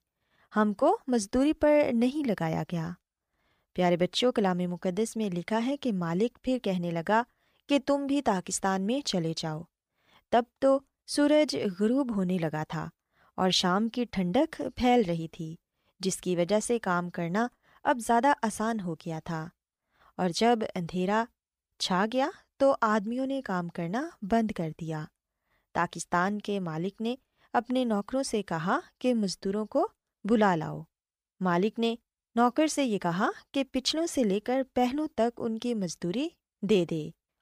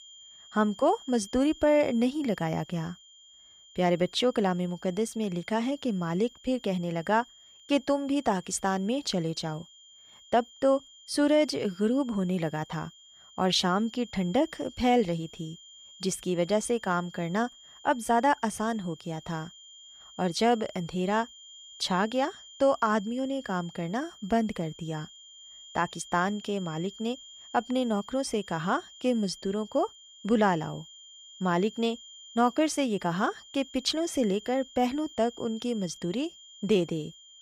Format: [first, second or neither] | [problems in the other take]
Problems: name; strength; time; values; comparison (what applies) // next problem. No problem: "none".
first | high-pitched whine; noticeable; throughout; 3 kHz, 20 dB below the speech